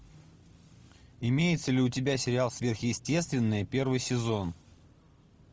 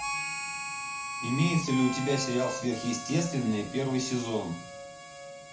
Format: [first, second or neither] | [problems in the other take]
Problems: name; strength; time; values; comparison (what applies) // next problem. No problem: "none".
first | background sound (Harmonica); 7 dB below the speech // room echo; dies away in 0.4 s